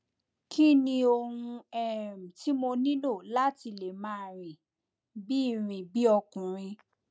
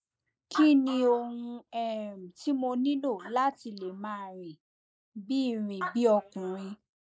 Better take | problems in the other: first | noise reduction (neural mask model Resemble Enhance denoiser)

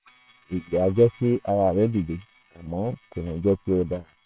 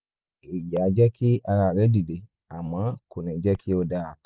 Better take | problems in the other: second | noise reduction (neural separator model SepFormer WHAM!)

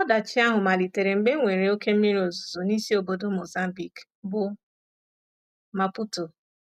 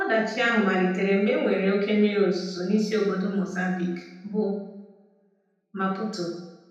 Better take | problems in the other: first | room echo; dies away in 0.9 s

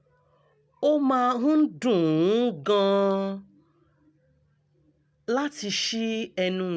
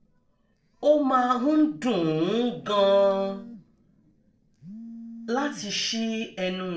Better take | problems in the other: first | noise reduction (neural separator model SepFormer DNS4)

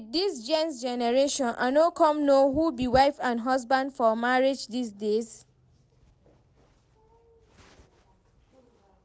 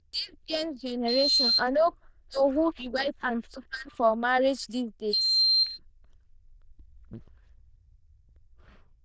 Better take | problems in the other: first | noise reduction (neural diffusion model UNIVERSE++)

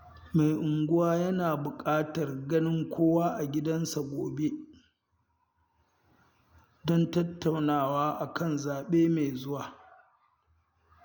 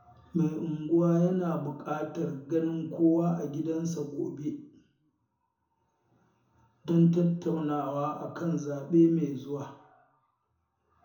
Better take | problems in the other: first | room echo; dies away in 0.5 s

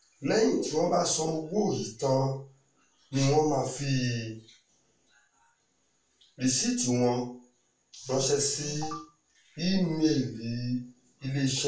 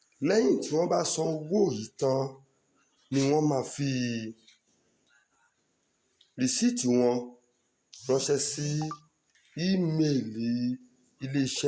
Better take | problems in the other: second | room echo; dies away in 0.3 s

